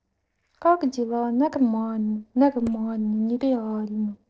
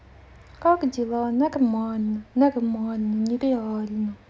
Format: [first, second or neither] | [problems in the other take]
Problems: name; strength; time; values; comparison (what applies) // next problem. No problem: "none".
second | noise reduction (neural separator model SepFormer DNS4)